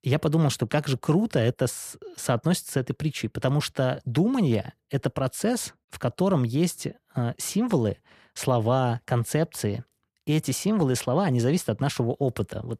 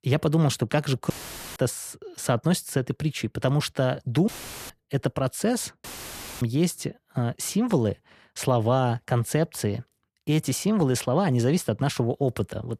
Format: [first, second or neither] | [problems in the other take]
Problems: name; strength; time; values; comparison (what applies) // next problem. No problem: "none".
first | audio cutting out; filled with static; at 1 s, at 4.5 s and at 6 s for 0.5 s